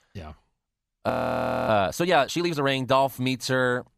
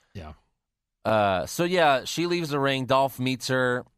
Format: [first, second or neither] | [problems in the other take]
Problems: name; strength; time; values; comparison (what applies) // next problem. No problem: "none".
second | audio freezing; at 1 s for 0.5 s